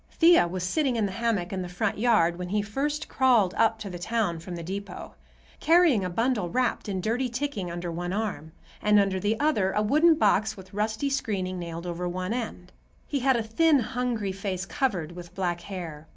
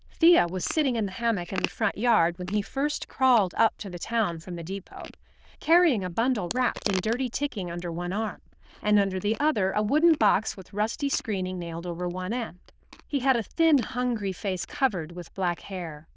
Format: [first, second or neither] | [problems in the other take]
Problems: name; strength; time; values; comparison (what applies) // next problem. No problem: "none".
first | noise reduction (neural diffusion model UNIVERSE++)